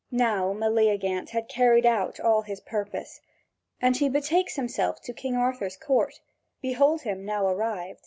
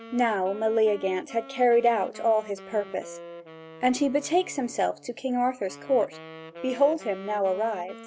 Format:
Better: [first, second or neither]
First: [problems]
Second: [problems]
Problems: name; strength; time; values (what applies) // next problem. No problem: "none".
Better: first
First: none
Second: background sound (Wind instrument, woodwind instrument); 17 dB below the speech